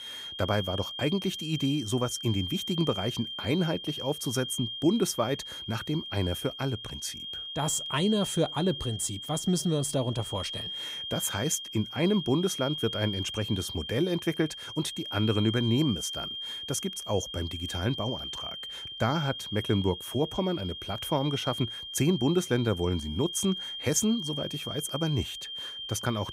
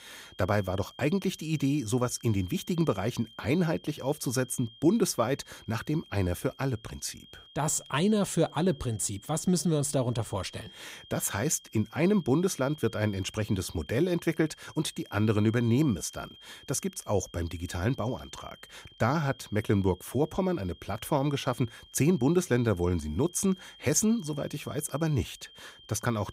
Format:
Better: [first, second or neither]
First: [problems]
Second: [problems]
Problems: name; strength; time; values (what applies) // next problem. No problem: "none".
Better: second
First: high-pitched whine; loud; throughout; 3 kHz, 6 dB below the speech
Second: high-pitched whine; faint; throughout; 3 kHz, 20 dB below the speech